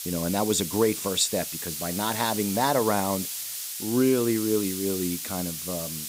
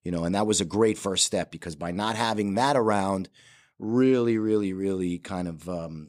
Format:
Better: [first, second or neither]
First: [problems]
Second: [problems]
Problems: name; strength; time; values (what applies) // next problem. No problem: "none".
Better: second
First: hiss; loud; throughout; 5 dB below the speech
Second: none